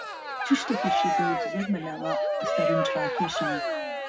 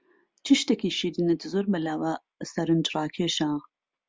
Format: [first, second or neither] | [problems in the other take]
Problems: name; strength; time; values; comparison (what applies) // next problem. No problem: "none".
second | background sound (Cheering); 4 dB above the speech // room echo; dies away in 0.4 s